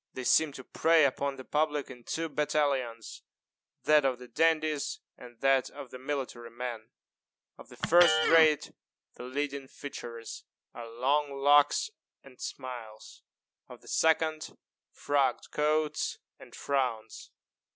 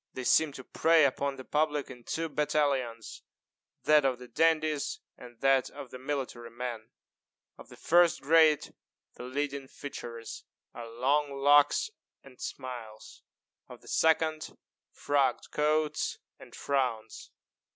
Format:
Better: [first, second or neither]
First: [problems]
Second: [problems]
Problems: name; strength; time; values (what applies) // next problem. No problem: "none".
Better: second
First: background sound (Electric guitar); 5 dB below the speech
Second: none